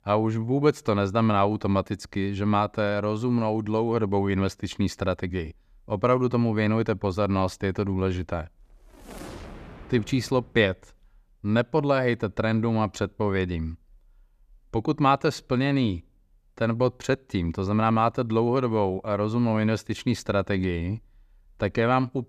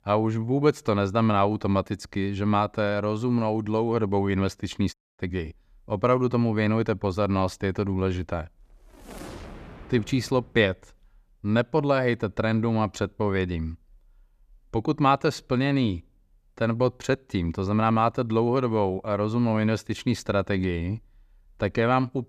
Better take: first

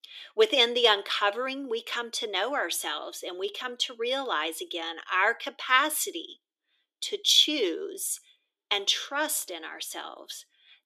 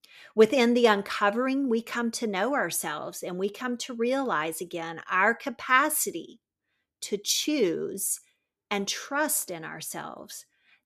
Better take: second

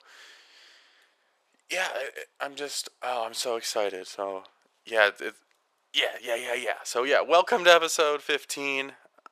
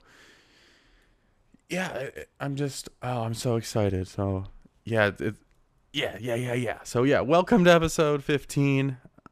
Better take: second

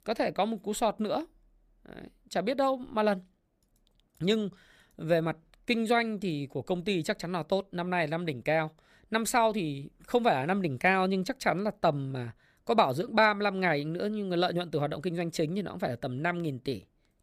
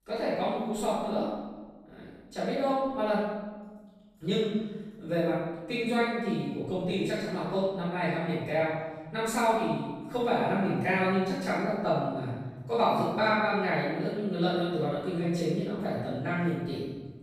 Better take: first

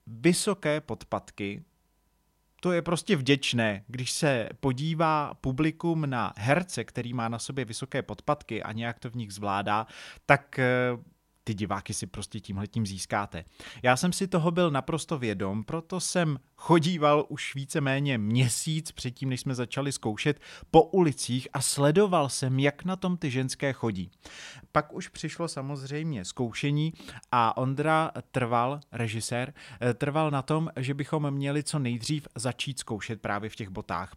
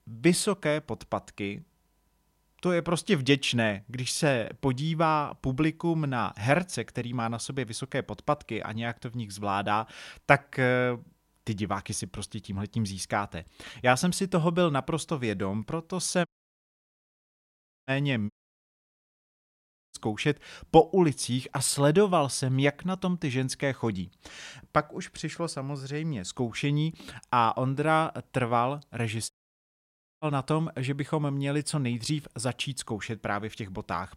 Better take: first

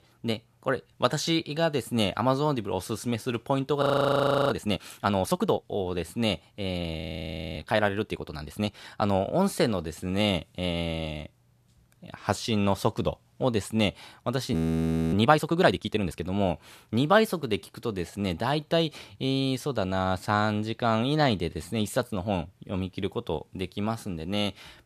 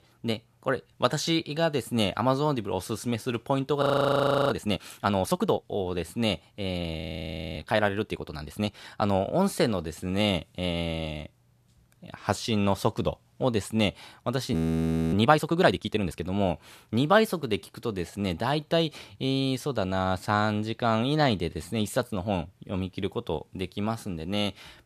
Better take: neither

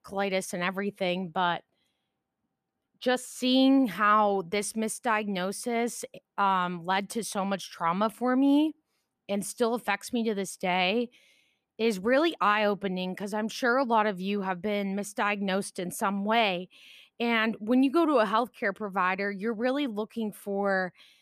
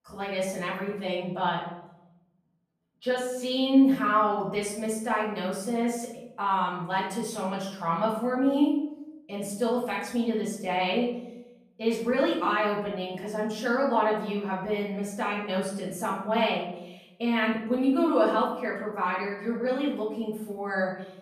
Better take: first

